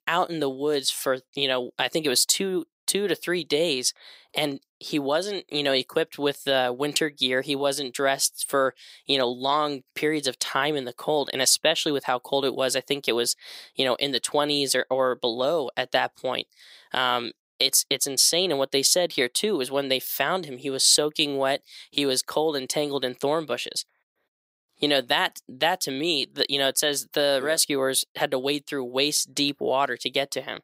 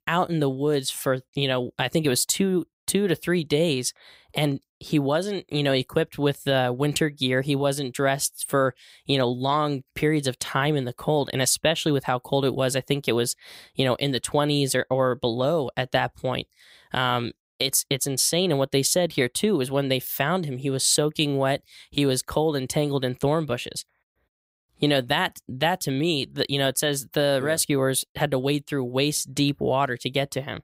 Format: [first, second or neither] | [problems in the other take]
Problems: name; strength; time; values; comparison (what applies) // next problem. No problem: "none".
second | thin; very slightly; fading below 300 Hz